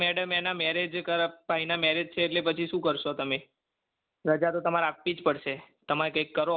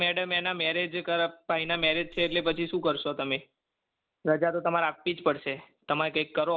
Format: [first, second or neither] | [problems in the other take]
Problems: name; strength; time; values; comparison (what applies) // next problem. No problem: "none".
first | background sound (Meow); 19 dB below the speech